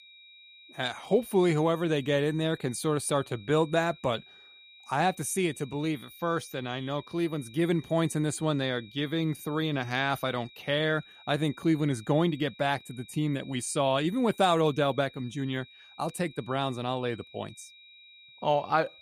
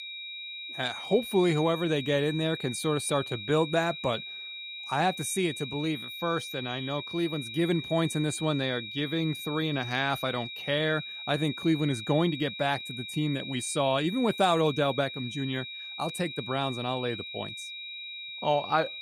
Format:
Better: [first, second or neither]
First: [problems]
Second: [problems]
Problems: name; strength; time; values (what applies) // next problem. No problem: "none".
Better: first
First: high-pitched whine; faint; throughout; 4 kHz, 20 dB below the speech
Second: high-pitched whine; loud; throughout; 4 kHz, 8 dB below the speech